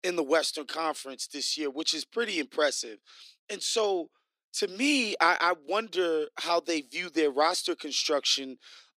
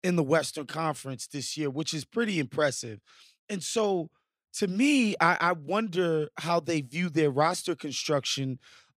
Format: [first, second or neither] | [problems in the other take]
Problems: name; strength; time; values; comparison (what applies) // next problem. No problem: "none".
second | thin; somewhat; fading below 300 Hz